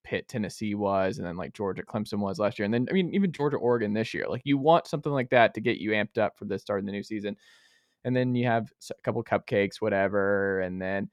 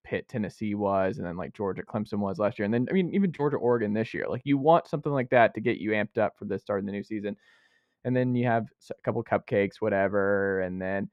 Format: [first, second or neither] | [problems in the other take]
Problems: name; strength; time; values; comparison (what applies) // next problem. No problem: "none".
first | muffled; slightly; fading above 3 kHz